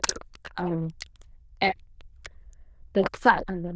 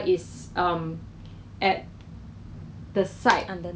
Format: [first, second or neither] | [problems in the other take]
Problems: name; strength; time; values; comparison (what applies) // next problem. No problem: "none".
second | noise reduction (neural diffusion model UNIVERSE++)